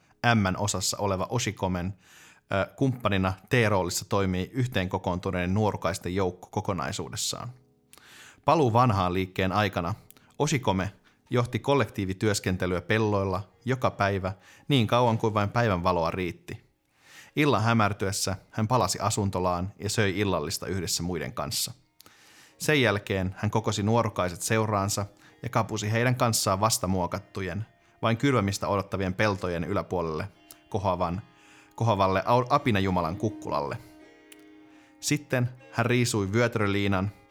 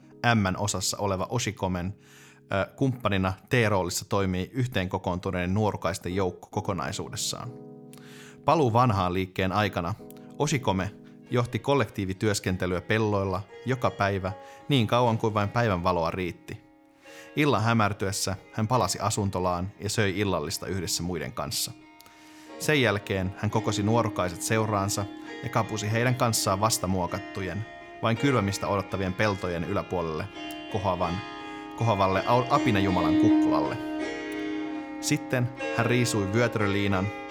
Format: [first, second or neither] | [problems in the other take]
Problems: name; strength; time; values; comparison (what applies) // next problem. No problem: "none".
first | background music; loud; throughout; 7 dB below the speech; faint in the first